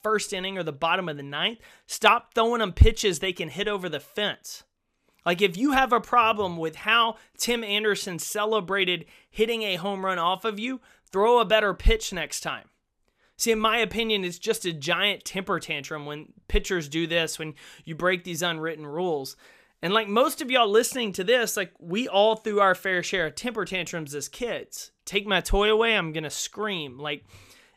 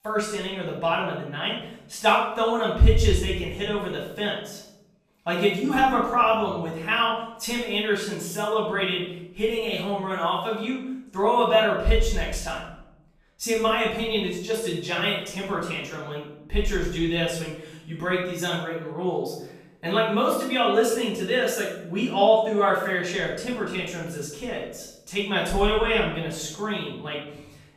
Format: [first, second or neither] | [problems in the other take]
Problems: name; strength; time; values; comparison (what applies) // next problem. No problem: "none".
first | room echo; noticeable; dies away in 0.8 s // off-mic speech; far